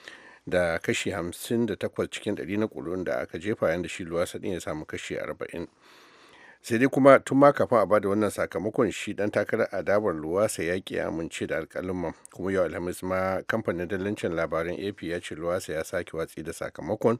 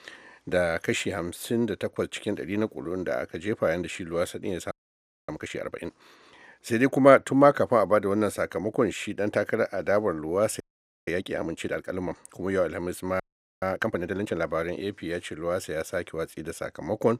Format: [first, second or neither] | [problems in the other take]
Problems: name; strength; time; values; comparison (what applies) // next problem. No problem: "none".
first | audio freezing; at 4.5 s for 0.5 s, at 11 s and at 13 s